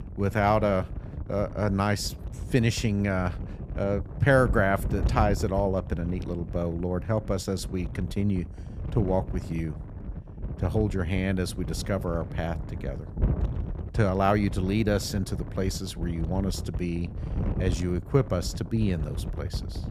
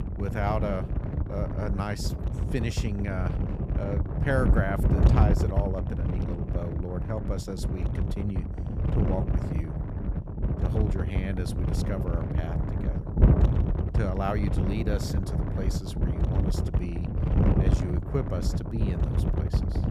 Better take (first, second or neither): first